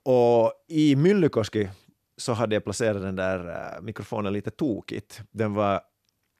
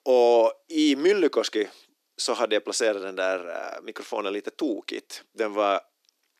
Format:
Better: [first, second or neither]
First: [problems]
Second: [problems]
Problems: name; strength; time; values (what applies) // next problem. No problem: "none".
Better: first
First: none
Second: thin; somewhat; fading below 300 Hz